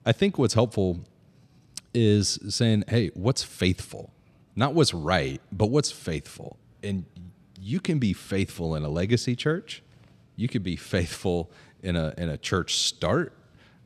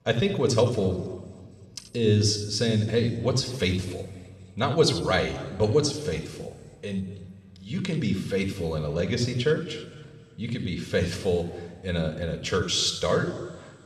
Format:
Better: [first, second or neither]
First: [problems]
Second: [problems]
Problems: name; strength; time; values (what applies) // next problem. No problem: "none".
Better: first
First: none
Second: room echo; noticeable; dies away in 1.5 s // off-mic speech; somewhat distant